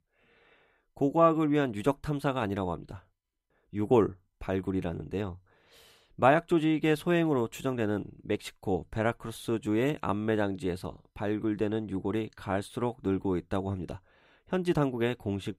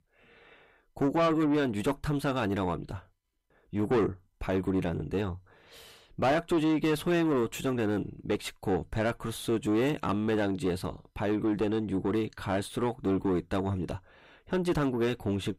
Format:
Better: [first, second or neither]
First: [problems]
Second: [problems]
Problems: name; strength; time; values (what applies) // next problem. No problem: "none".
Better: first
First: none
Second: distortion; heavy; 6 dB below the speech